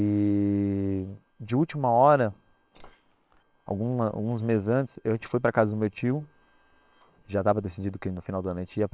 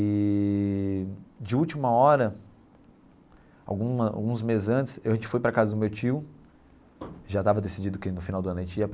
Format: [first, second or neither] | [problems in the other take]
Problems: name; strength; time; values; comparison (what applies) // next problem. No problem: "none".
second | noise reduction (neural separator model SepFormer WHAM!)